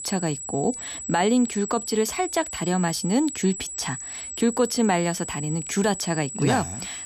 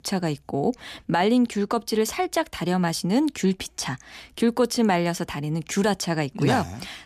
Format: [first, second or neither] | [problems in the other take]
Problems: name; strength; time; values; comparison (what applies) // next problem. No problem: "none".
second | high-pitched whine; loud; throughout; 8 kHz, 8 dB below the speech